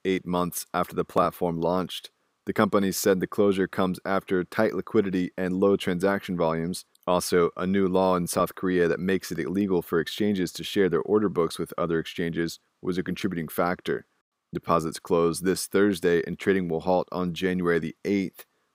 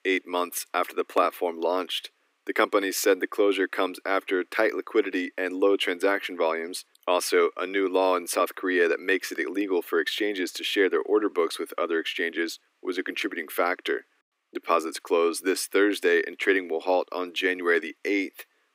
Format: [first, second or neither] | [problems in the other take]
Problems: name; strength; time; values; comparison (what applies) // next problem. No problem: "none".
first | thin; somewhat; fading below 300 Hz